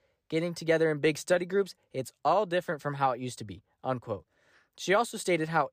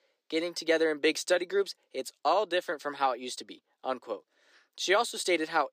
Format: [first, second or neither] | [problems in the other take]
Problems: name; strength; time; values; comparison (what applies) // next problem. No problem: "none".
first | thin; somewhat; fading below 300 Hz